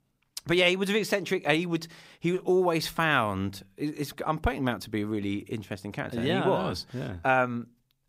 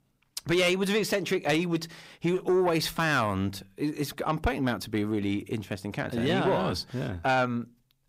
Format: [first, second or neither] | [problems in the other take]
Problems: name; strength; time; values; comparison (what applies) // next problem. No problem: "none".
first | distortion; slight; 10 dB below the speech